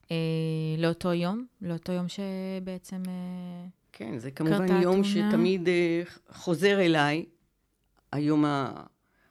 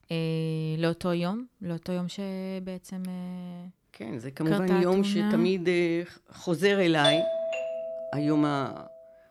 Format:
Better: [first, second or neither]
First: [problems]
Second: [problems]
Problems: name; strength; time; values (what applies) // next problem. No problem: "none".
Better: first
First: none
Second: doorbell; loud; from 7 to 8.5 s; peak 3 dB above the speech